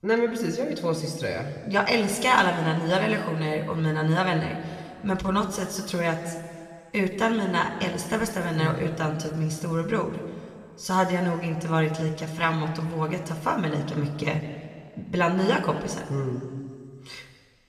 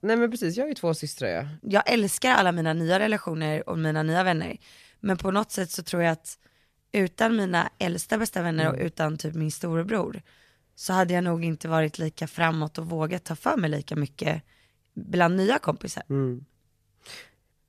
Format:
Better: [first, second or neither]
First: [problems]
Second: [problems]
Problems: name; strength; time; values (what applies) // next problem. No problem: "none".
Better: second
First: room echo; slight; dies away in 2 s // off-mic speech; somewhat distant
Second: none